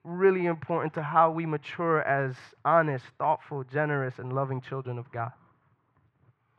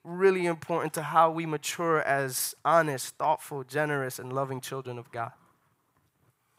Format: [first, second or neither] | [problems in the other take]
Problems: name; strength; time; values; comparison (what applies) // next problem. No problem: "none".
second | muffled; very; fading above 2.5 kHz